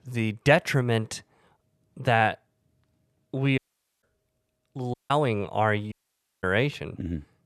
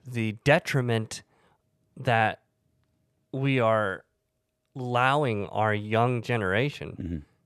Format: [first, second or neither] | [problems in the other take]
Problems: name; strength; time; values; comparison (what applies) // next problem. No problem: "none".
second | audio cutting out; at 3.5 s, at 5 s and at 6 s for 0.5 s